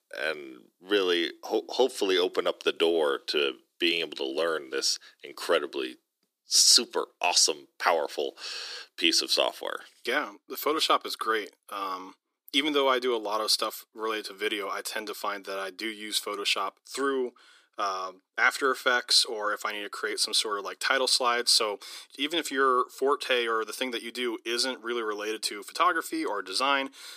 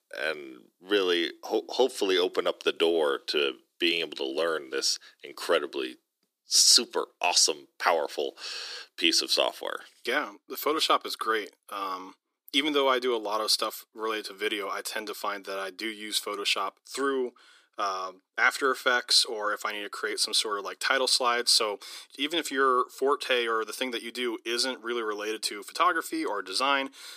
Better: neither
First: thin; somewhat; fading below 350 Hz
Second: thin; somewhat; fading below 350 Hz

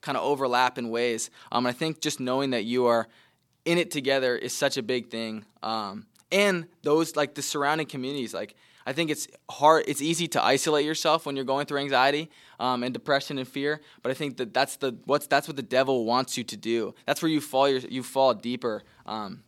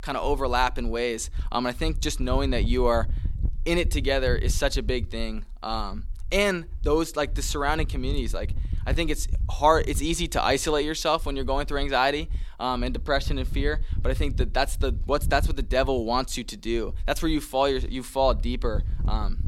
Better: first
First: none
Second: wind noise on the microphone; occasional gusts; 25 dB below the speech

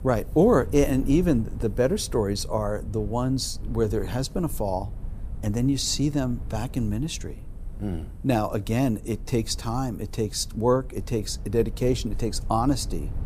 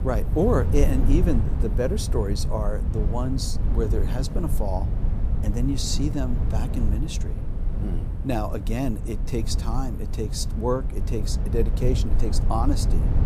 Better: first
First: low rumble; faint; throughout; 25 dB below the speech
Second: low rumble; loud; throughout; 10 dB below the speech

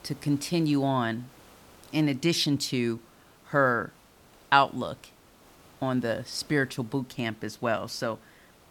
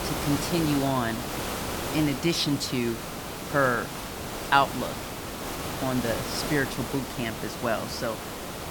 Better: first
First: hiss; faint; throughout; 25 dB below the speech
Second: hiss; loud; throughout; 5 dB below the speech

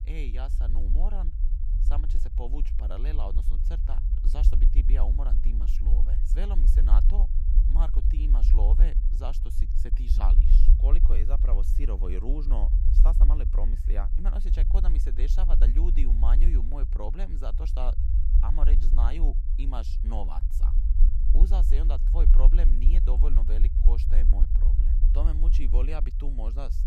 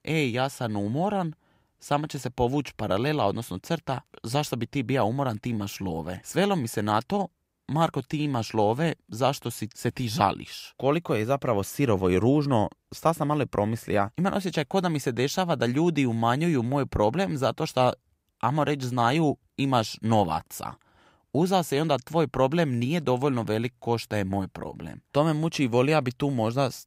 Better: second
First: low rumble; loud; throughout; 6 dB below the speech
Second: none

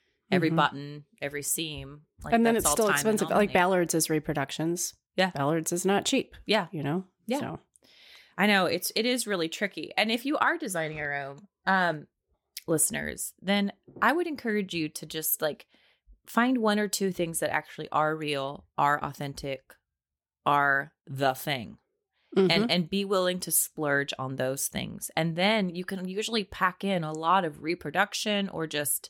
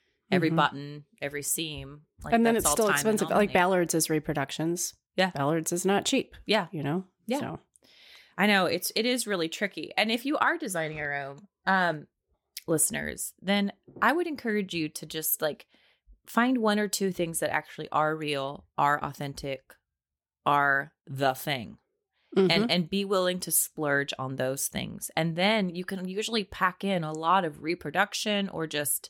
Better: neither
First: none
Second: none

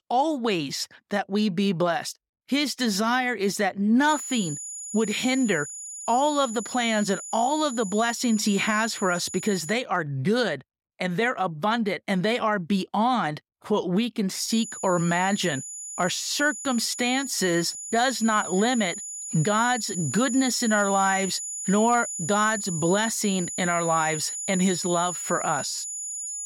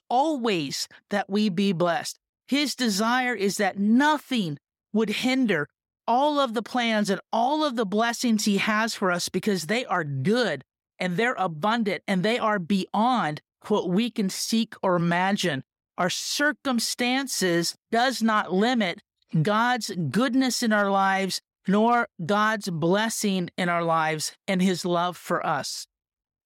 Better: second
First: high-pitched whine; loud; from 4 to 9.5 s and from 14 s on; 7 kHz, 7 dB below the speech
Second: none

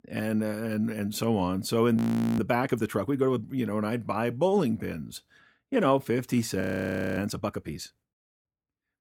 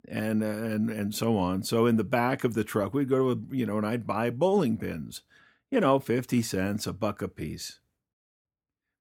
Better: second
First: audio freezing; at 2 s and at 6.5 s for 0.5 s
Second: none

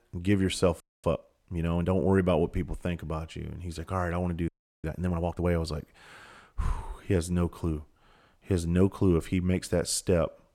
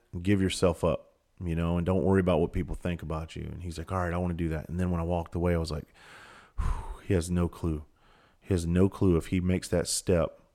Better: second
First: audio freezing; at 1 s and at 4.5 s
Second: none

